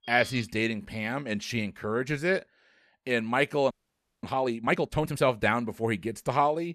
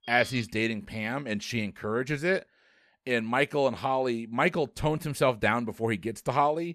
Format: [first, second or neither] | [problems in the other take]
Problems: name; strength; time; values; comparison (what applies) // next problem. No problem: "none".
second | audio freezing; at 3.5 s for 0.5 s